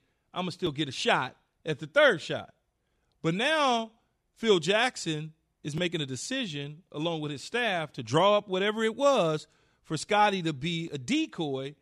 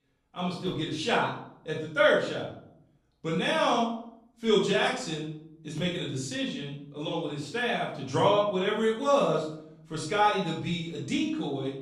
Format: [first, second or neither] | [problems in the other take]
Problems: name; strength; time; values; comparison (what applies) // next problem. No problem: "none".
first | off-mic speech; far // room echo; noticeable; dies away in 0.6 s